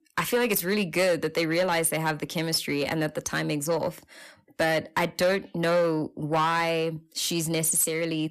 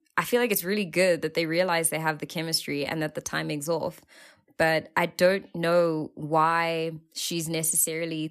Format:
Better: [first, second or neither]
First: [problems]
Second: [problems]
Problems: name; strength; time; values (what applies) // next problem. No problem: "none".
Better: second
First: distortion; slight; 10 dB below the speech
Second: none